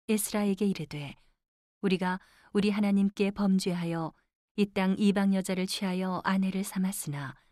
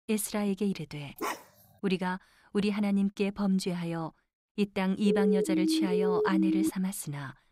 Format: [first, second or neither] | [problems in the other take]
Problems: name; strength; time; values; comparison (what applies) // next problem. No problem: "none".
first | dog barking; noticeable; at 1 s; peak 5 dB below the speech // siren; loud; from 5 to 6.5 s; peak 3 dB above the speech